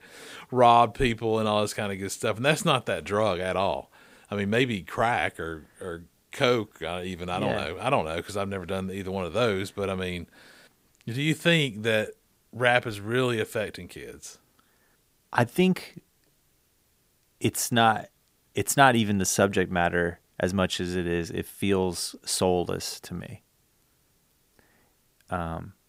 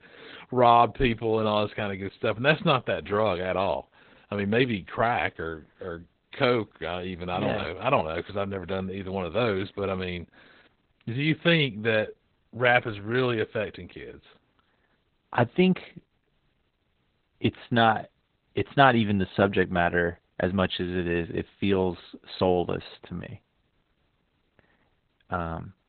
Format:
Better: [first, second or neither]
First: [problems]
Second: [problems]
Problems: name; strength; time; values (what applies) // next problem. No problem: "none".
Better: first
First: none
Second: garbled, watery; badly; nothing above 4 kHz